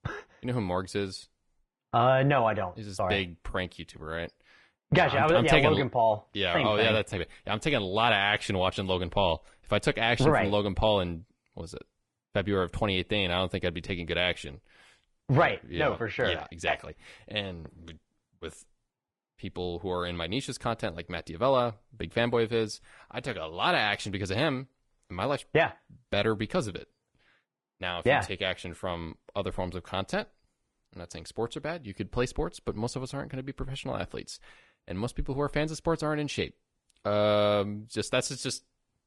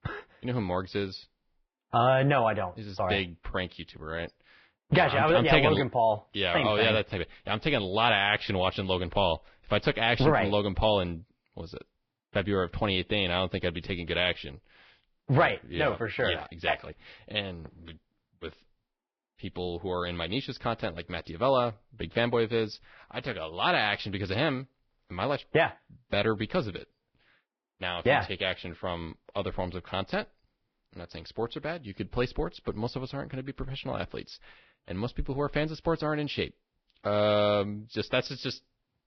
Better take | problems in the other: first | garbled, watery; badly; nothing above 5.5 kHz; slightly in the first

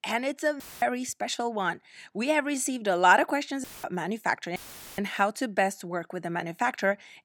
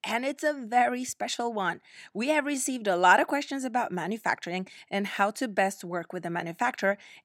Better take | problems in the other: second | audio cutting out; filled with static; at 0.5 s, at 3.5 s and at 4.5 s

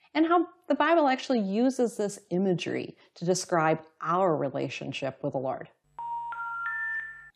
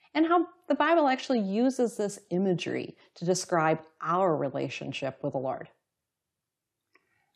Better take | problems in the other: second | phone ringing; noticeable; from 6 s on; peak 3 dB below the speech

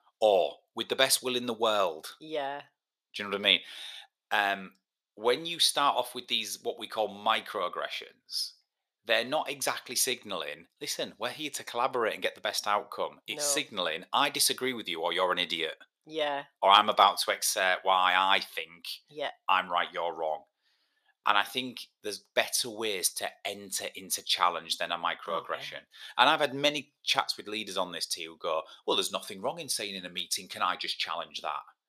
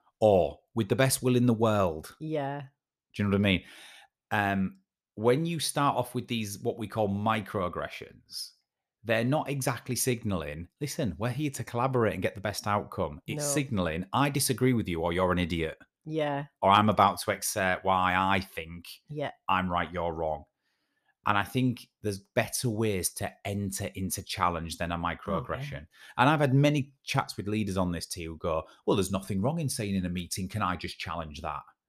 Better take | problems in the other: second | thin; very; fading below 500 Hz

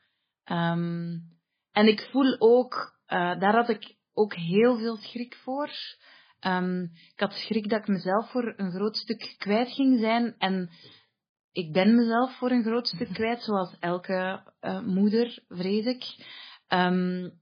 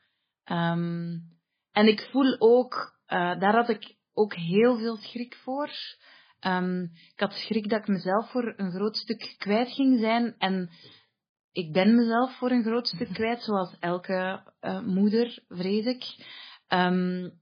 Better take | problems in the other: neither | garbled, watery; badly; nothing above 5 kHz; the same in both

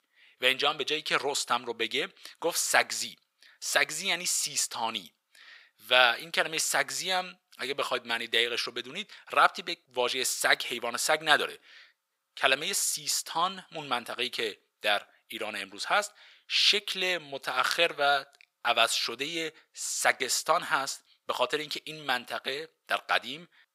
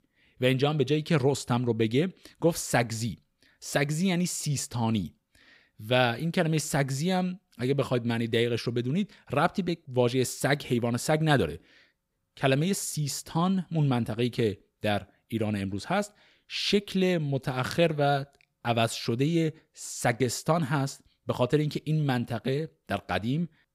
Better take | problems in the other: second | thin; very; fading below 800 Hz

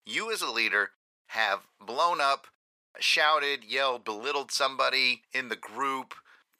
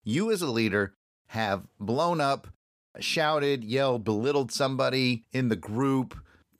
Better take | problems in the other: second | thin; very; fading below 650 Hz

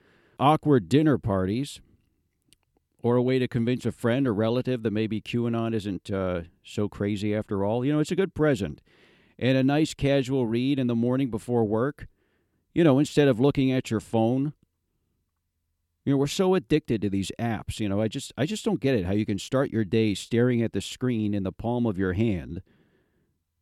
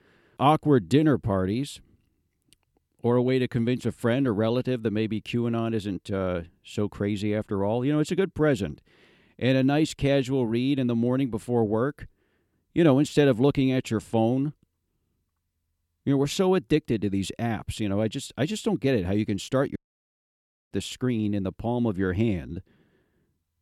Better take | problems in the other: first | audio cutting out; at 20 s for 1 s

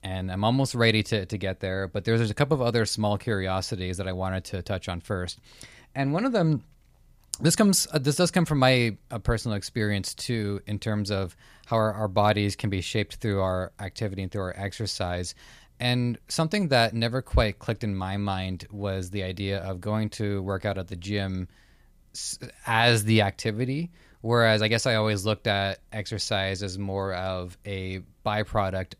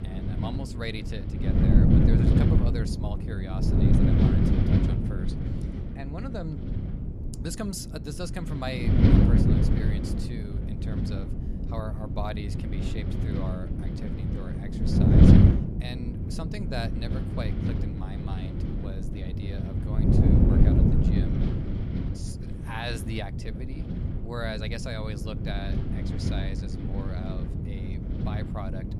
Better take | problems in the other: first | wind noise on the microphone; heavy; 4 dB above the speech

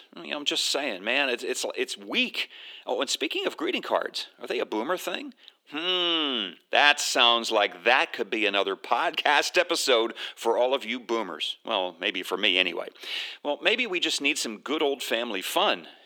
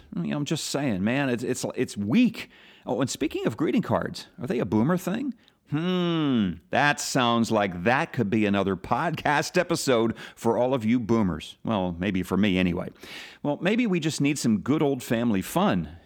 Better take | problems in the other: second | thin; very; fading below 350 Hz

